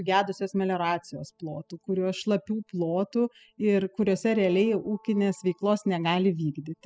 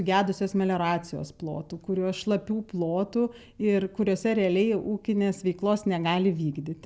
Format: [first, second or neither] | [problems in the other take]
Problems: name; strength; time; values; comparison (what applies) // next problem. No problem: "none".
second | noise reduction (classical method spectral subtraction)